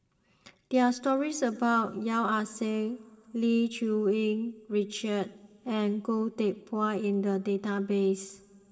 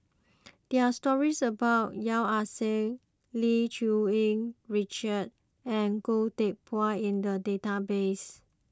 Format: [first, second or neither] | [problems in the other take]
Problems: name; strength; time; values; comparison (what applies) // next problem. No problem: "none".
second | room echo; dies away in 2.5 s